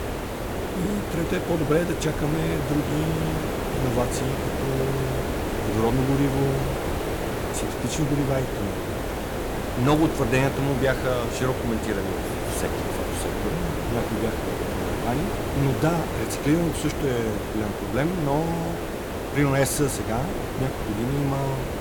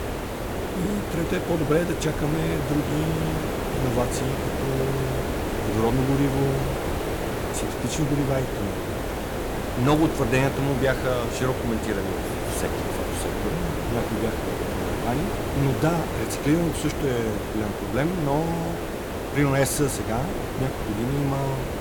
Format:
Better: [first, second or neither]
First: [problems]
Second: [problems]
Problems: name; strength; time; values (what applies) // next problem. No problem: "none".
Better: neither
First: hiss; loud; throughout; 2 dB below the speech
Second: hiss; loud; throughout; 2 dB below the speech